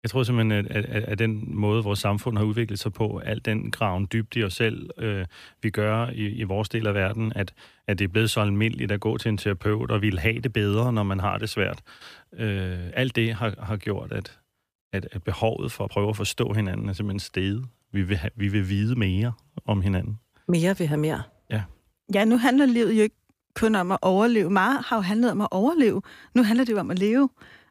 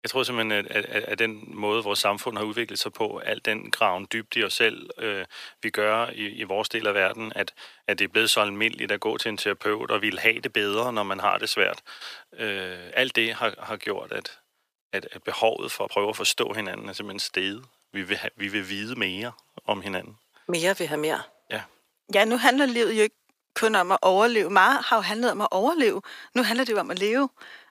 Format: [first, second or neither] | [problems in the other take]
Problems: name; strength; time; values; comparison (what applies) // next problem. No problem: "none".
first | thin; somewhat; fading below 500 Hz